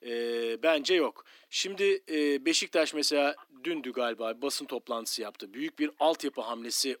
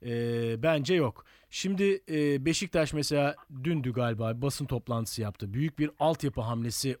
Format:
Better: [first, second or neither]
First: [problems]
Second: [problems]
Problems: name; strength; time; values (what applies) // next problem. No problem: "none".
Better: second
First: thin; somewhat; fading below 300 Hz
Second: none